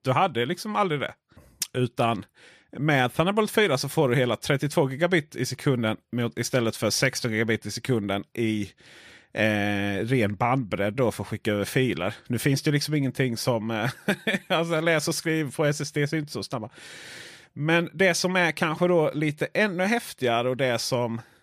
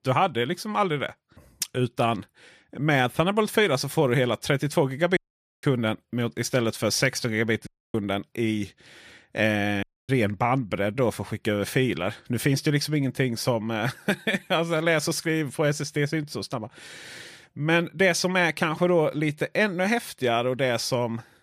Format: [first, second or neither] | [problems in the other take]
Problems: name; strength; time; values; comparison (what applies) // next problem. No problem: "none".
first | audio cutting out; at 5 s, at 7.5 s and at 10 s